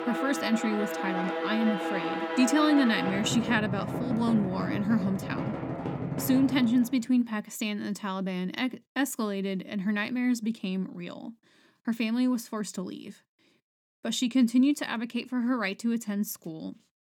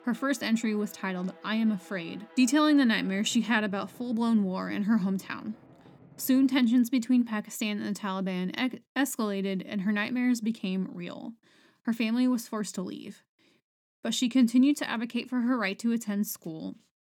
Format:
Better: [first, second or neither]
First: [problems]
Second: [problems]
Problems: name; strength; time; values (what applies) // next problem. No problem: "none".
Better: second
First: background music; loud; until 6.5 s; 4 dB below the speech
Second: background music; faint; until 6.5 s; 25 dB below the speech